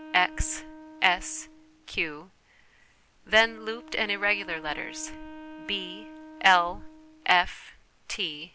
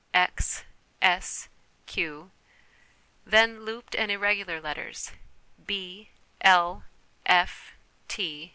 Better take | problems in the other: second | background sound (Wind instrument, woodwind instrument); 18 dB below the speech

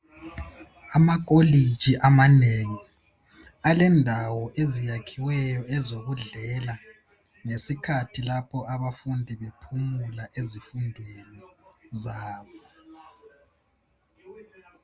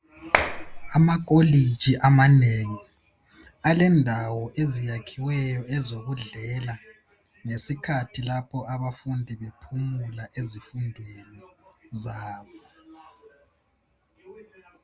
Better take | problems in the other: first | background sound (Clapping); 2 dB below the speech

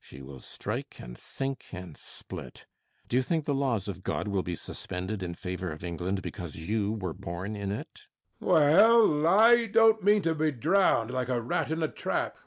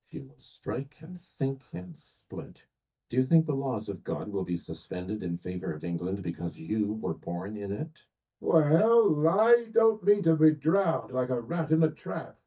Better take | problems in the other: first | noise reduction (neural mask model DeepFilterNet 3)

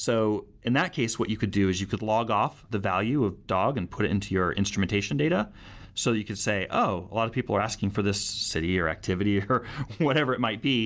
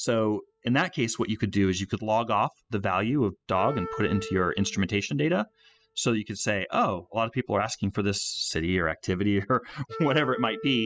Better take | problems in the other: first | noise reduction (classical method spectral subtraction)

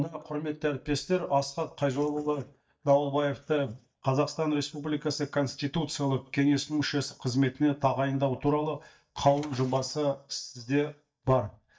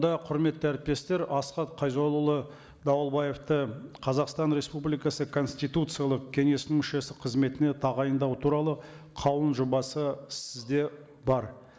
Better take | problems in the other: second | noise reduction (neural mask model DeepFilterNet 3)

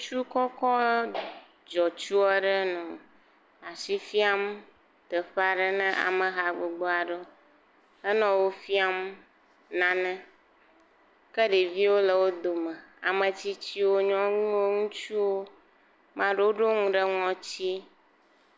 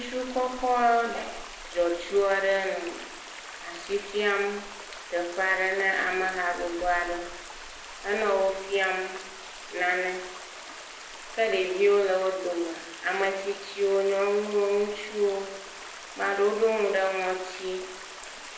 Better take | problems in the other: first | background sound (Stream); 14 dB below the speech // room echo; dies away in 0.7 s

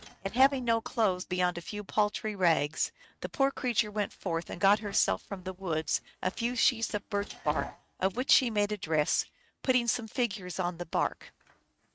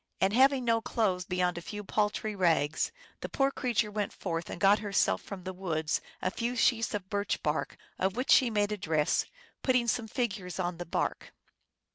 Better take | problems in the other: second | noise reduction (neural mask model RNNoise)

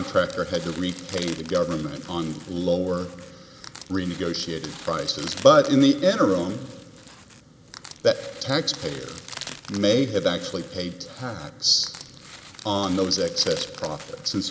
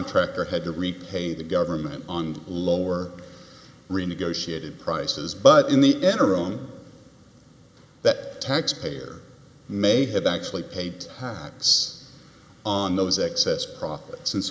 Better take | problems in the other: second | background sound (Crushing); 17 dB below the speech

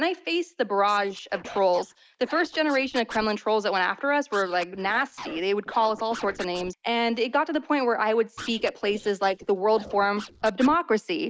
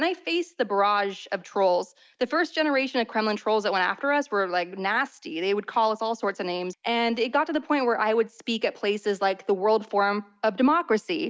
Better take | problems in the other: second | noise reduction (neural mask model Resemble Enhance denoiser)

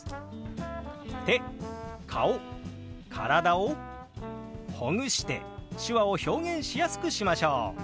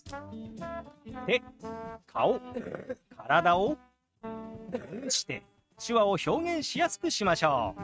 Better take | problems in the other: first | noise reduction (neural mask model RNNoise)

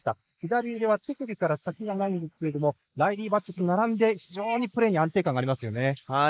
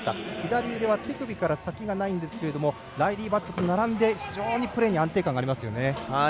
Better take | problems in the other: second | noise reduction (neural mask model Resemble Enhance denoiser)

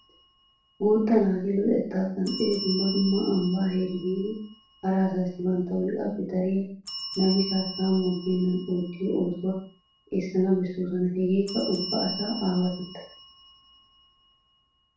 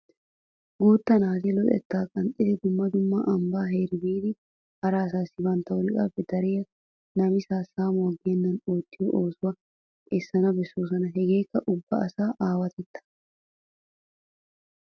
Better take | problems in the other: second | background sound (Bell); 14 dB below the speech // room echo; dies away in 0.4 s

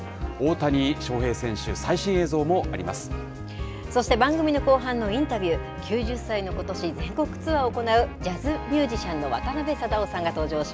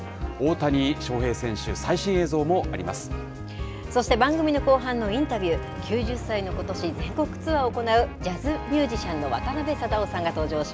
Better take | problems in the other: first | background sound (Engine starting); 15 dB below the speech

